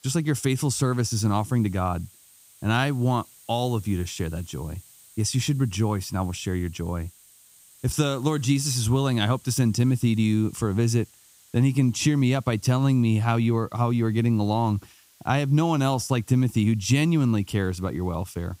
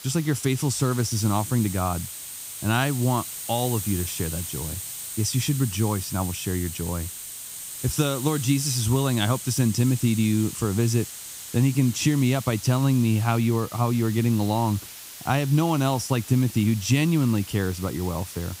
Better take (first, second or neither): first